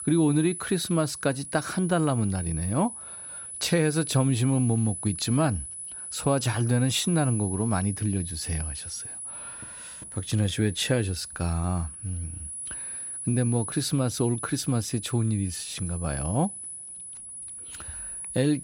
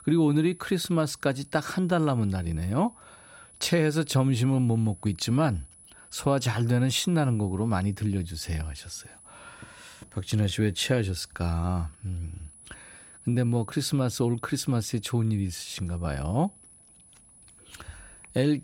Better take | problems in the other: second | high-pitched whine; loud; throughout; 10 kHz, 8 dB below the speech; faint in the second

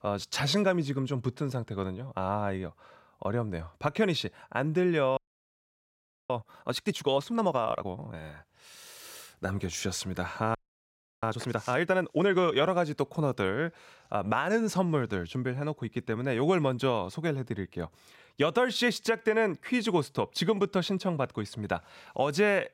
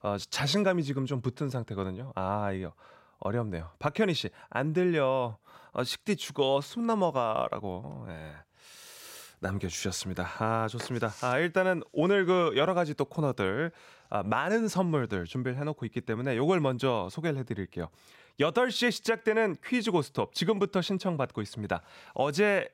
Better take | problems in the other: second | audio freezing; at 5 s for 1 s and at 11 s for 0.5 s

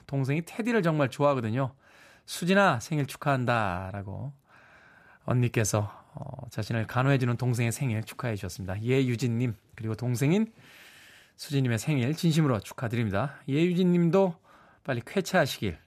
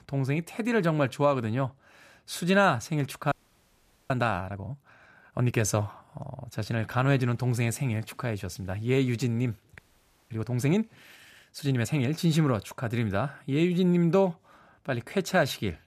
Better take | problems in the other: first | audio freezing; at 3.5 s for 1 s and at 10 s for 0.5 s

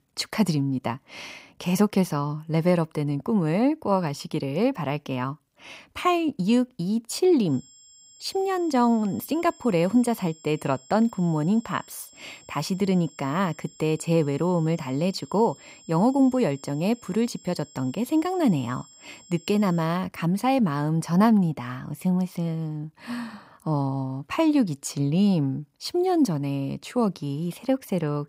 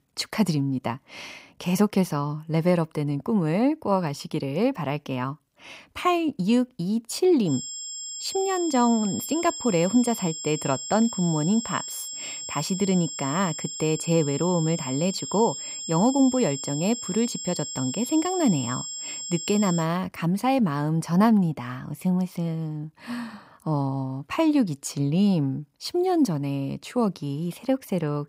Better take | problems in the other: first | high-pitched whine; loud; from 7.5 to 20 s; 7.5 kHz, 7 dB below the speech; faint in the first

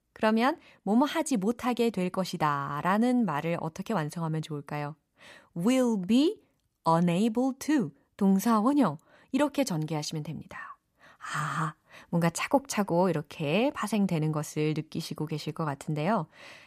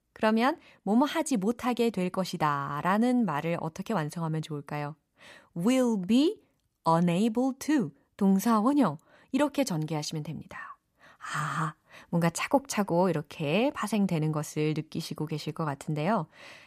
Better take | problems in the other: neither | none

